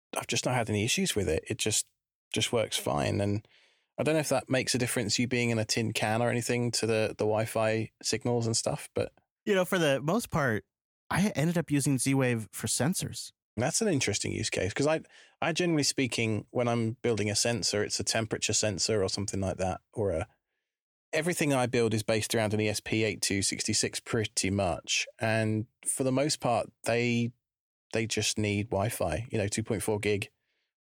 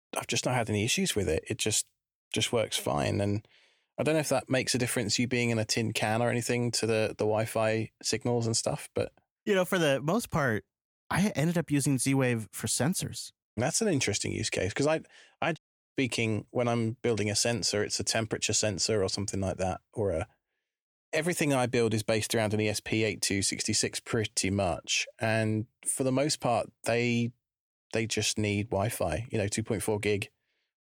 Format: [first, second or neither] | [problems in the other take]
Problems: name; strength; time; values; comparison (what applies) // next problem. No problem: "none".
first | audio cutting out; at 16 s